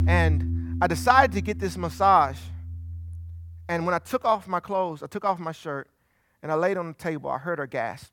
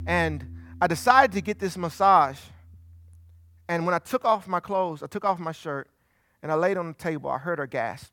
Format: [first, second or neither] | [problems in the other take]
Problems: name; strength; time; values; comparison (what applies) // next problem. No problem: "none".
second | background music; loud; until 2.5 s; 7 dB below the speech; faint in the second